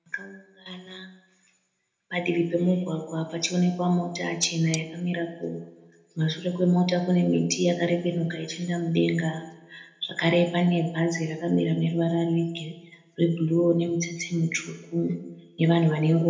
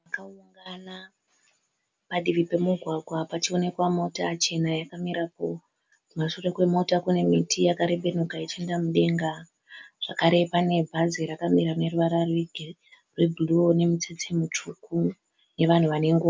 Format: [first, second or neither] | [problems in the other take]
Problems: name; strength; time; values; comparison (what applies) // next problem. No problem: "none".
second | background sound (Cutlery, silverware); 12 dB below the speech // room echo; dies away in 0.7 s